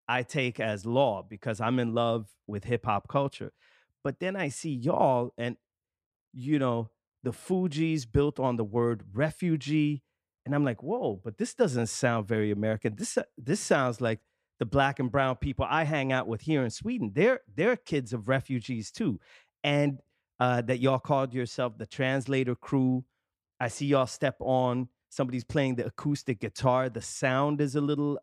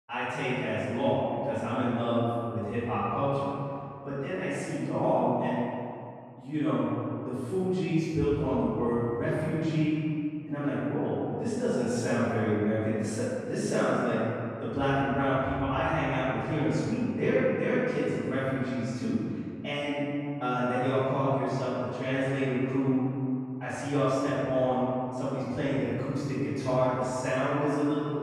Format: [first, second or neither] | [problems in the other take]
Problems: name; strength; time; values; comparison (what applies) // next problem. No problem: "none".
first | room echo; strong; dies away in 2.4 s // off-mic speech; far